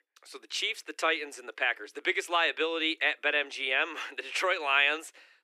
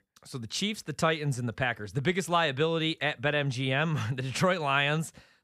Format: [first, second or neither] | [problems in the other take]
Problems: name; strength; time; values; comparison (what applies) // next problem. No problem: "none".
second | thin; very; fading below 300 Hz